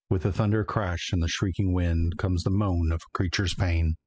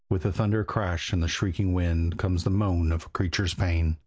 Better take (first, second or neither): second